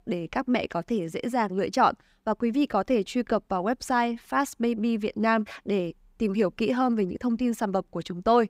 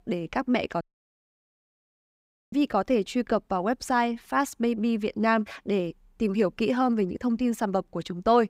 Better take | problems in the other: first | audio cutting out; at 1 s for 1.5 s

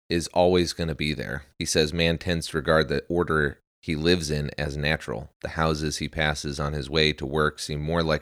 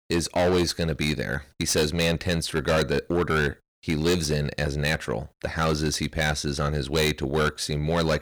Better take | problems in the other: first | distortion; heavy; 12% of the sound clipped

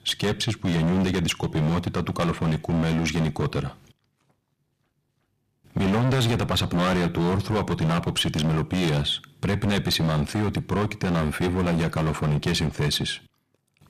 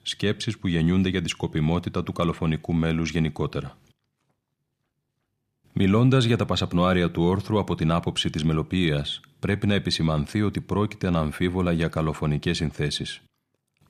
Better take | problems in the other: second | distortion; heavy; 19% of the sound clipped

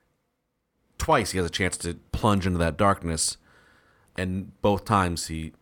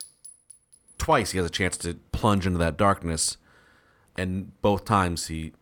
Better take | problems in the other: first | clattering dishes; faint; at the start; peak 15 dB below the speech

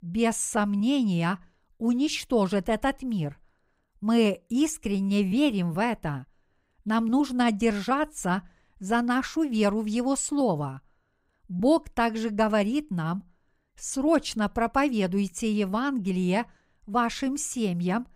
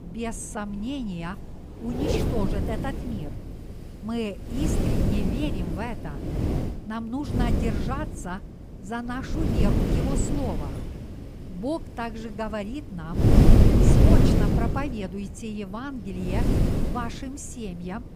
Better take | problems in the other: first | wind noise on the microphone; heavy; 3 dB above the speech

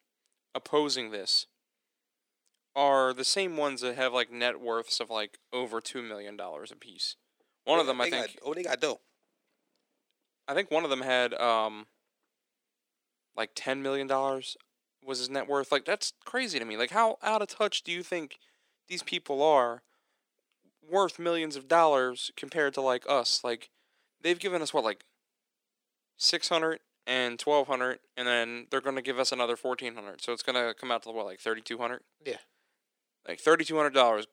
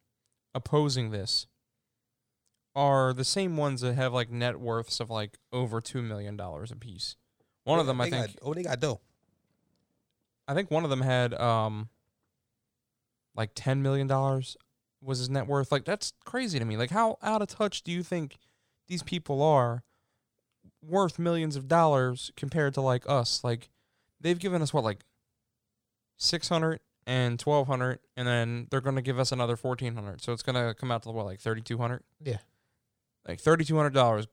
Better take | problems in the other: second | thin; somewhat; fading below 300 Hz

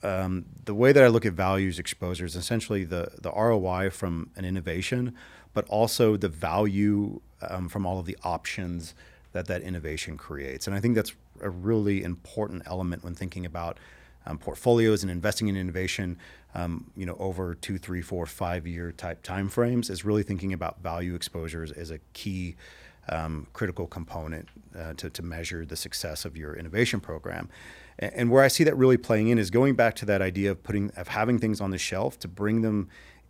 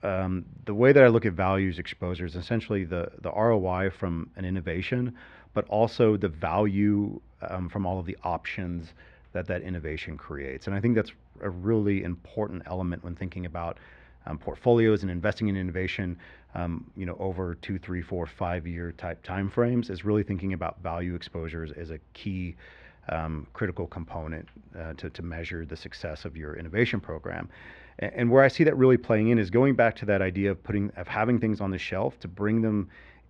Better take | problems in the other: first | muffled; slightly; fading above 3 kHz

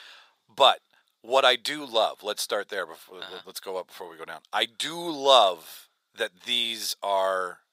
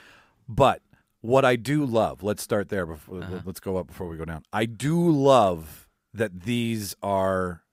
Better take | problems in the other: second | thin; very; fading below 700 Hz

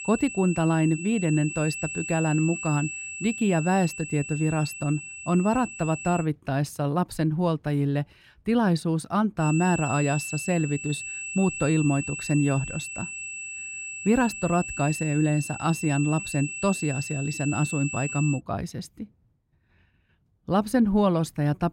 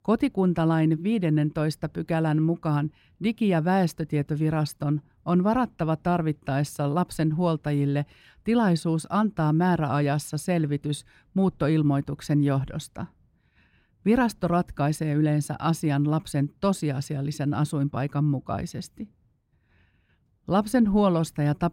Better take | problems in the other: second | high-pitched whine; loud; until 6 s and from 9.5 to 18 s; 2.5 kHz, 8 dB below the speech

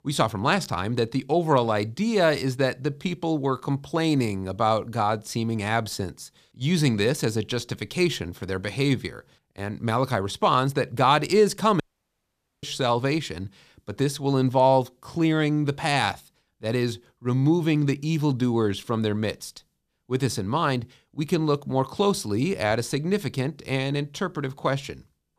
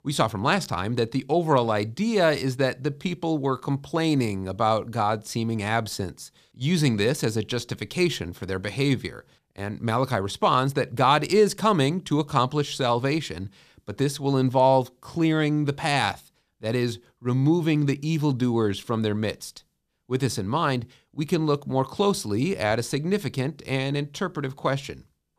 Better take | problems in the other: second | audio cutting out; at 12 s for 1 s

